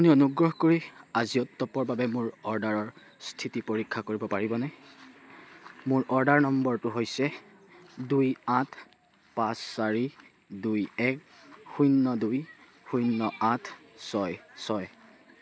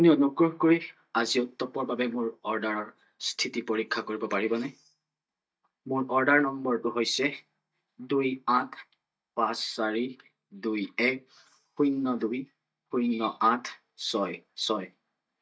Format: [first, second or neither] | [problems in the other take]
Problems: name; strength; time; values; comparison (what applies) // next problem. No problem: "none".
first | noise reduction (neural mask model DeepFilterNet 3)